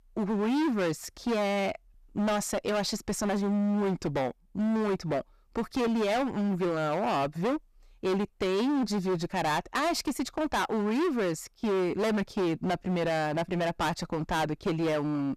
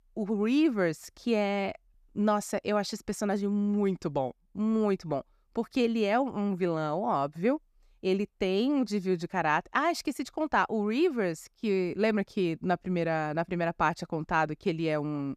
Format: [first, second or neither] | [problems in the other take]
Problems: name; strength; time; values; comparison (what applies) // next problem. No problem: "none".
second | distortion; heavy; 26% of the sound clipped